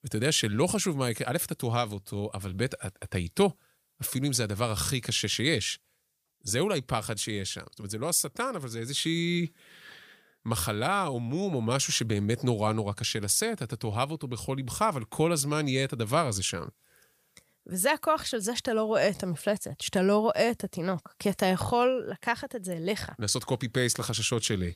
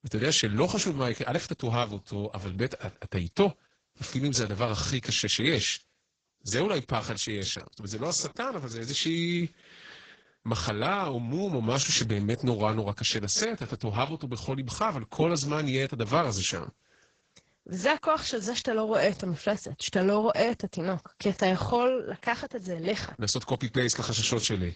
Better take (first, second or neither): first